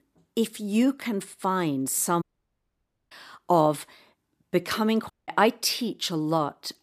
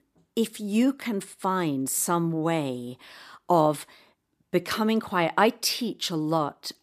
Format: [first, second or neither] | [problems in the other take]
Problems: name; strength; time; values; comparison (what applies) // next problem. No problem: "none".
second | audio cutting out; at 2 s for 1 s and at 5 s